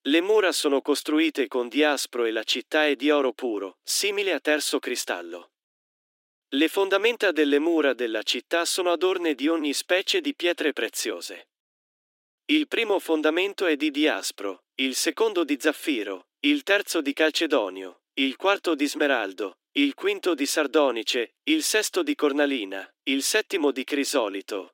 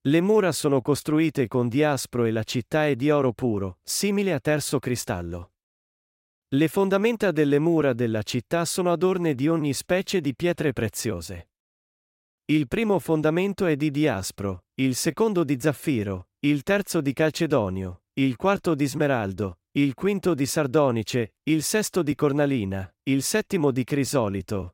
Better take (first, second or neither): second